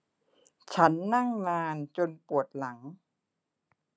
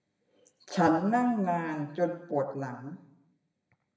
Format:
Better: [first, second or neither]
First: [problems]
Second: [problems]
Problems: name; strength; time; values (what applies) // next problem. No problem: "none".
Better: first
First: none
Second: room echo; dies away in 0.8 s